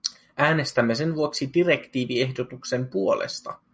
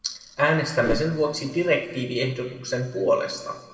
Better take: first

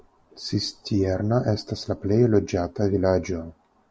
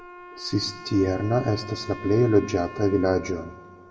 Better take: first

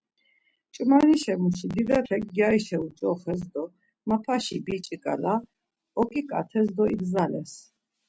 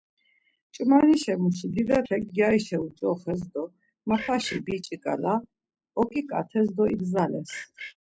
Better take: first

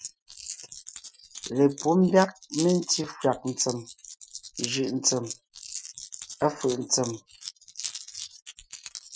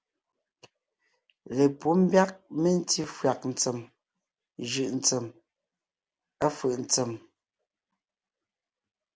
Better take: second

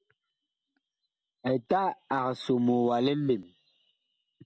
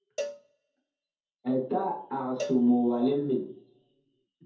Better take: first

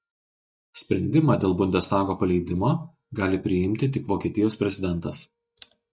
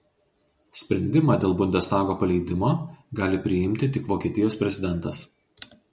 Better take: second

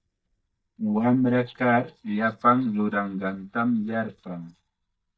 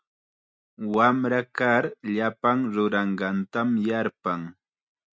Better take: second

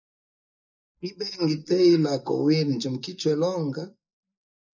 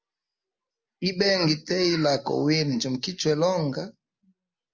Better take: second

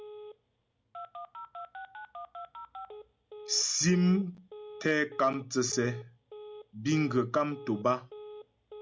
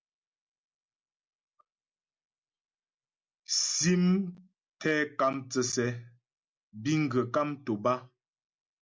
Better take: second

